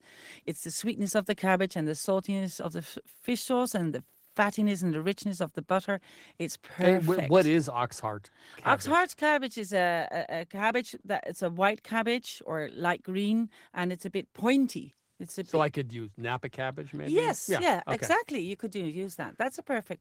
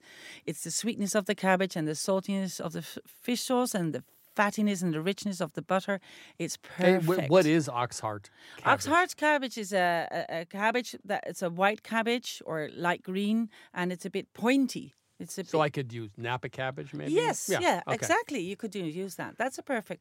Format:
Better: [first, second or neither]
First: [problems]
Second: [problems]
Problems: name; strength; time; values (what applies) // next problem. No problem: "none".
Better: second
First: garbled, watery; slightly; nothing above 16 kHz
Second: none